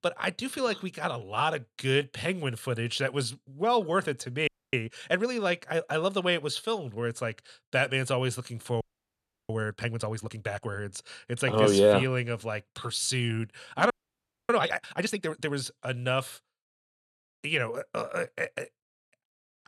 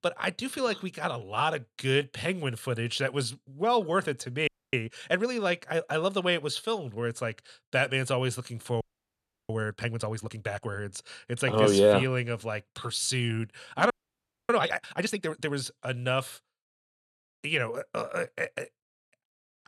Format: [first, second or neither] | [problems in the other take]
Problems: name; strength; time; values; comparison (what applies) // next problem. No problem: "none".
neither | audio freezing; at 4.5 s, at 9 s for 0.5 s and at 14 s for 0.5 s; the same in both